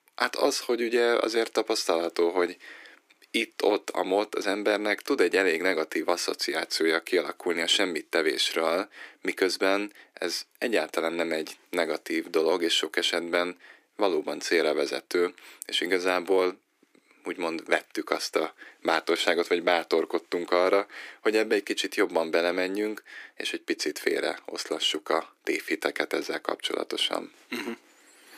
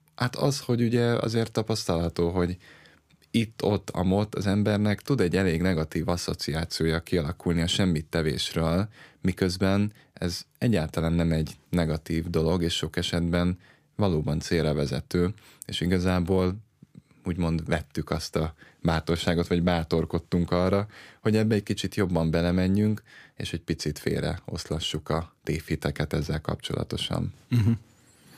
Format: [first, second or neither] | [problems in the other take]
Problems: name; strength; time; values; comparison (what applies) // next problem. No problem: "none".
second | thin; very; fading below 300 Hz